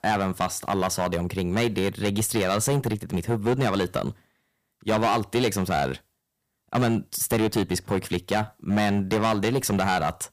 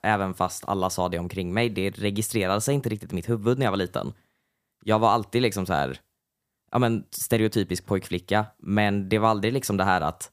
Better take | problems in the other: second | distortion; heavy; 9% of the sound clipped

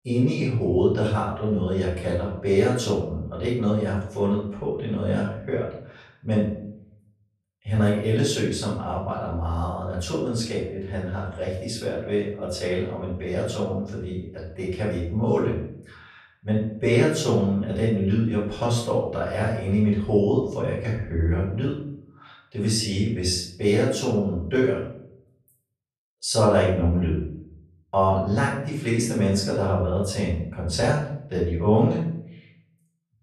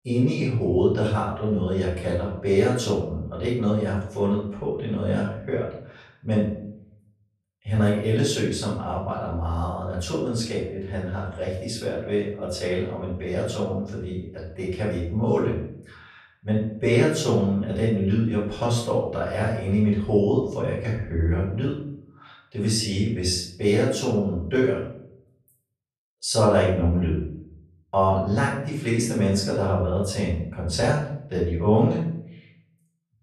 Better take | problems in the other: neither | off-mic speech; far; the same in both // room echo; noticeable; dies away in 0.6 s; the same in both

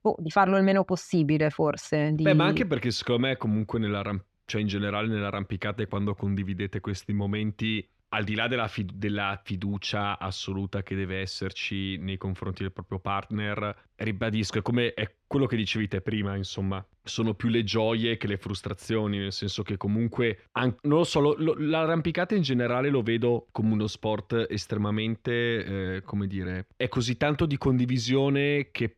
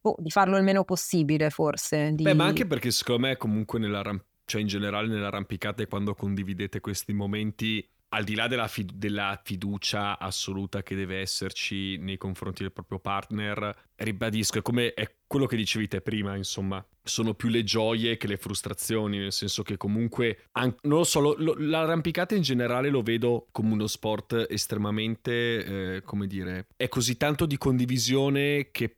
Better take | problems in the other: second | muffled; very slightly; fading above 3.5 kHz

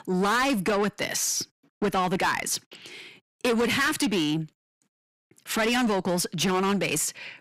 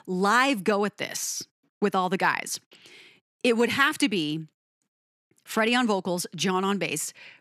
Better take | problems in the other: second | distortion; heavy; 6 dB below the speech

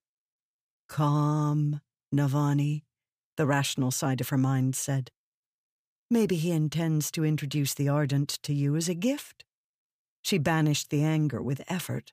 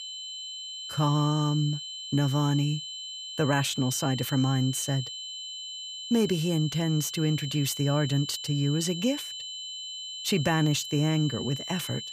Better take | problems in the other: first | high-pitched whine; loud; throughout; 3 kHz, 8 dB below the speech

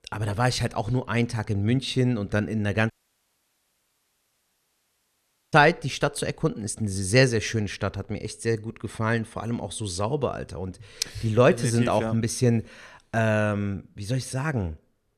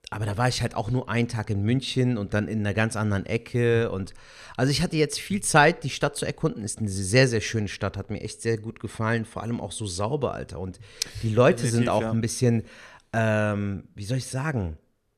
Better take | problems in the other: second | audio cutting out; at 3 s for 2.5 s

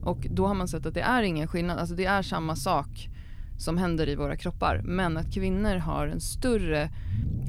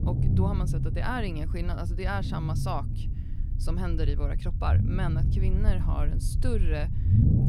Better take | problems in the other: first | low rumble; loud; throughout; 6 dB below the speech; faint in the first

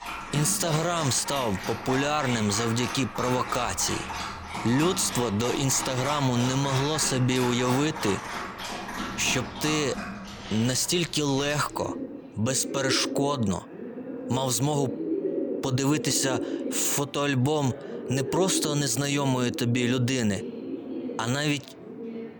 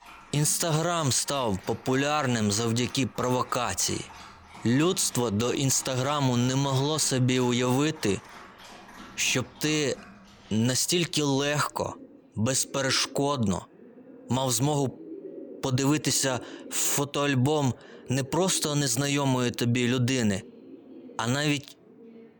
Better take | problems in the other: second | animal sounds; loud; throughout; 8 dB below the speech; faint in the second

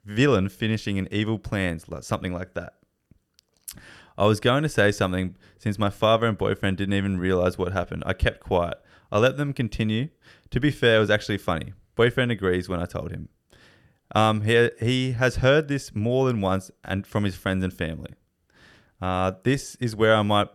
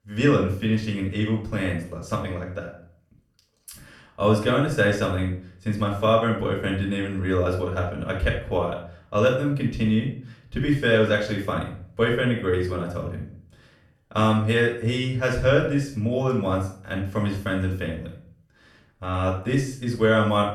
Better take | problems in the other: first | off-mic speech; far // room echo; noticeable; dies away in 0.4 s

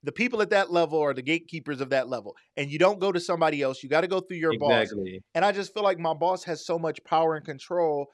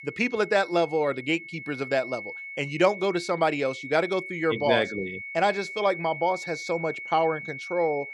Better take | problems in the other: first | high-pitched whine; noticeable; throughout; 2 kHz, 10 dB below the speech

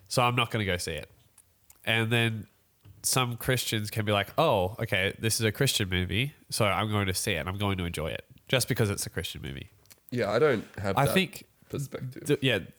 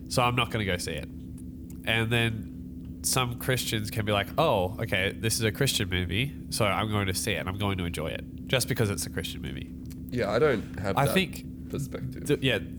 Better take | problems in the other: first | low rumble; noticeable; throughout; 20 dB below the speech

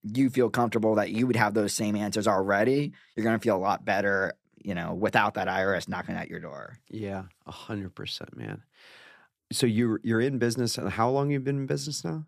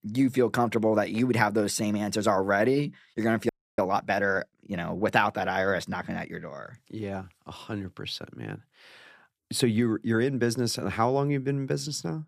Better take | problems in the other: first | audio freezing; at 3.5 s

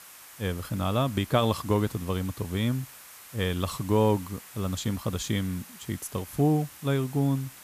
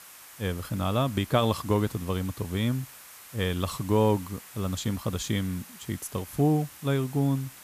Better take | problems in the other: neither | hiss; noticeable; throughout; 15 dB below the speech; the same in both

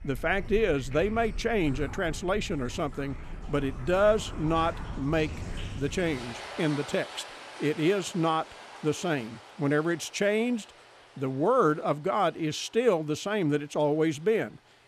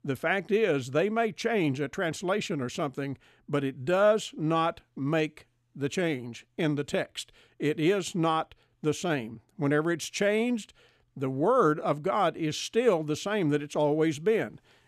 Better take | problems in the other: second | rain or running water; noticeable; throughout; 15 dB below the speech

